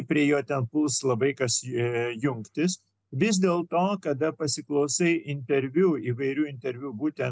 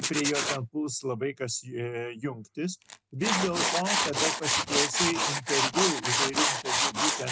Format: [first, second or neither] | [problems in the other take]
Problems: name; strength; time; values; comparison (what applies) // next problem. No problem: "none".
first | background sound (Tools); 3 dB above the speech